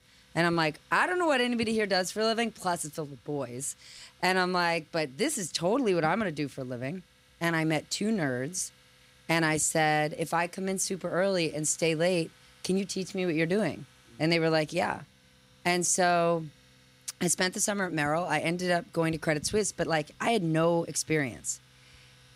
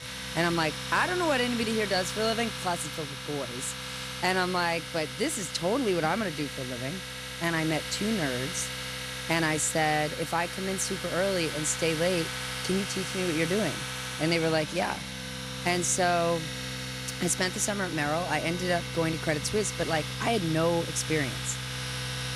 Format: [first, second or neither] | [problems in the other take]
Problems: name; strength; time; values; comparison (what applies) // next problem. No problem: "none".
first | household noises; loud; throughout; 5 dB below the speech; faint in the first